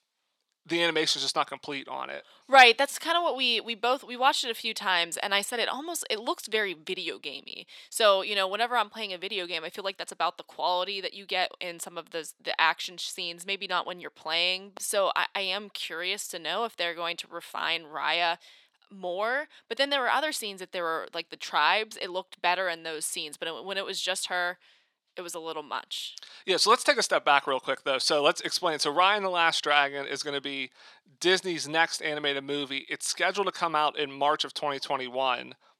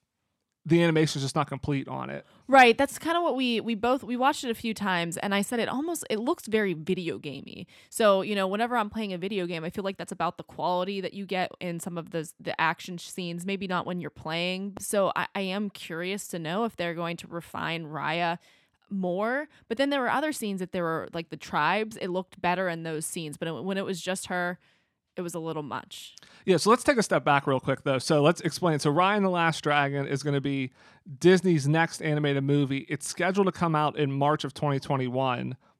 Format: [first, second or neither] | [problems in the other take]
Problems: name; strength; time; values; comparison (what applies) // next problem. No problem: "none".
second | thin; very; fading below 550 Hz